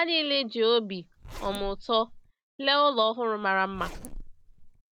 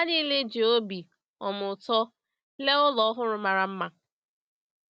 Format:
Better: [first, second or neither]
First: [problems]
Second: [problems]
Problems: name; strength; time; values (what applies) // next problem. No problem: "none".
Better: second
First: background sound (Zipper (clothing)); 14 dB below the speech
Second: none